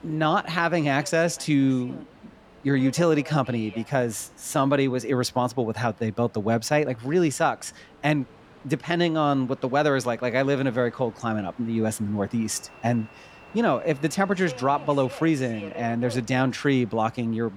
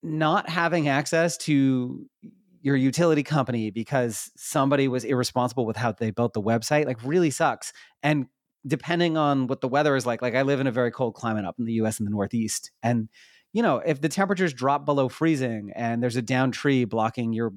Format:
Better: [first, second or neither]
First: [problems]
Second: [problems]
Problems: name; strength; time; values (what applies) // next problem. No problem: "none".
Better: second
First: train or aircraft noise; faint; throughout; 20 dB below the speech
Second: none